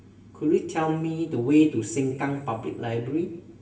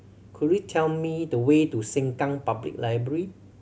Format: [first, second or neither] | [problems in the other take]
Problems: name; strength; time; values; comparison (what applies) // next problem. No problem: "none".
second | room echo; dies away in 0.9 s